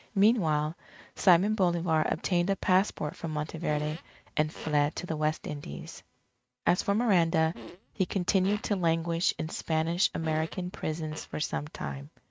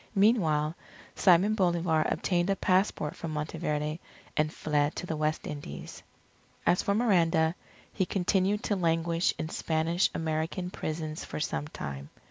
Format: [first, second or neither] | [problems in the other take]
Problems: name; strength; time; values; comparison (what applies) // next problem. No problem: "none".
second | noise reduction (neural mask model RNNoise)